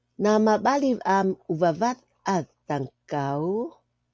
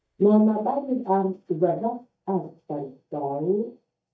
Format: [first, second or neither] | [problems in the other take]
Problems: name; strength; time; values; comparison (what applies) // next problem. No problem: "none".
first | noise reduction (neural mask model DeepFilterNet 3)